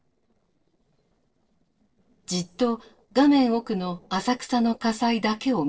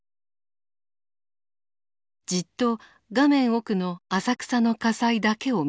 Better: second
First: noise reduction (neural separator model SepFormer DNS4)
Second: none

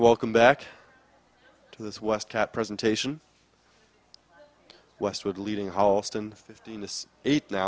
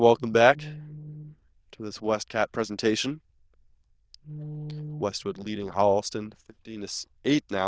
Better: first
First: none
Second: noise reduction (neural diffusion model UNIVERSE++)

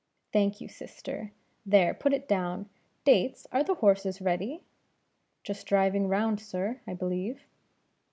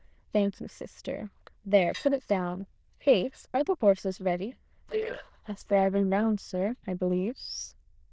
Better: first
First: none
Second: noise reduction (neural diffusion model UNIVERSE++)

